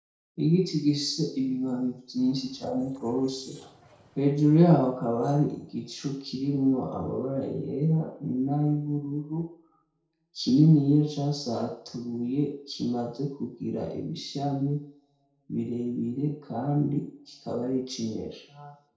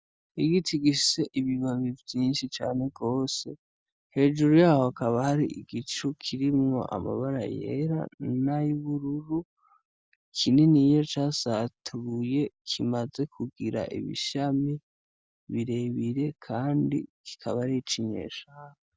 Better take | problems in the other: second | noise reduction (neural separator model SepFormer DNS4)

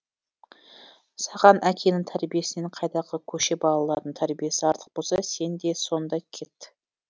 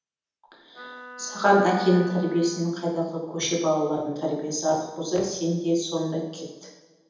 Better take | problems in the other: first | background sound (Wind instrument, woodwind instrument); 16 dB below the speech // room echo; dies away in 0.9 s

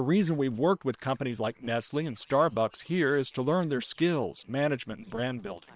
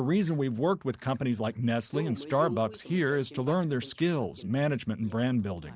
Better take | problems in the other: second | noise reduction (neural separator model SepFormer WHAM!)

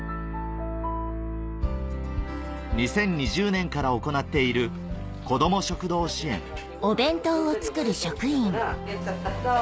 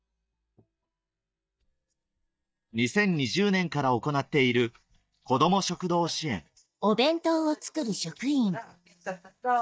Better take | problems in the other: first | noise reduction (neural mask model DeepFilterNet 3)

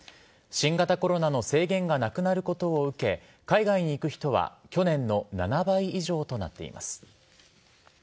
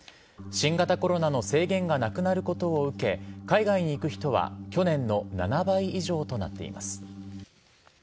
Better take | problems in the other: first | background sound (Organ); 12 dB below the speech

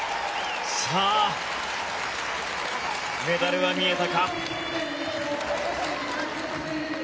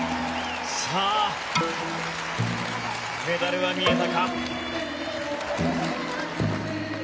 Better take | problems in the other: first | background sound (Keyboard (musical)); 4 dB below the speech

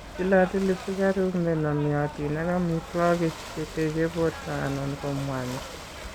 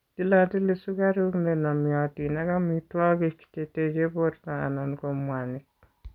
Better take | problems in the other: second | background sound (Ocean / Boat, Water vehicle); 13 dB below the speech

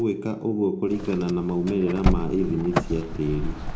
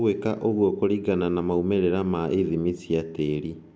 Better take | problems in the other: second | background sound (Car); 3 dB below the speech // room echo; dies away in 0.3 s

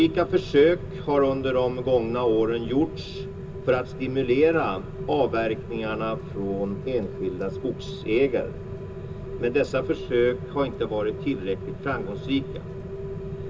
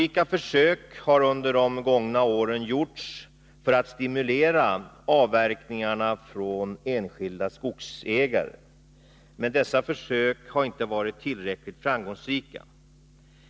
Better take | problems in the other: second | background sound (Rain); 9 dB below the speech // room echo; dies away in 0.2 s

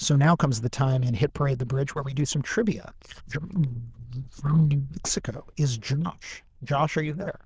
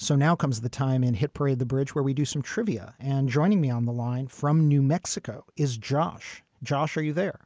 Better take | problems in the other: second | noise reduction (neural diffusion model UNIVERSE++)

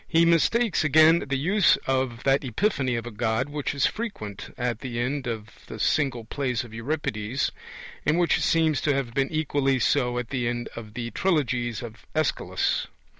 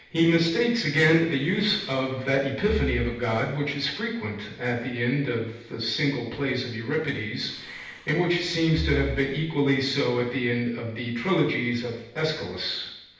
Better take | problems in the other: first | background sound (Breathing); 11 dB below the speech // room echo; dies away in 0.9 s

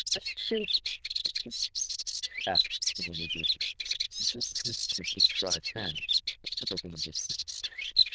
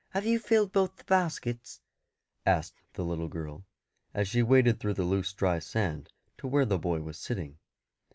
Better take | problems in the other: second | noise reduction (neural diffusion model UNIVERSE++)

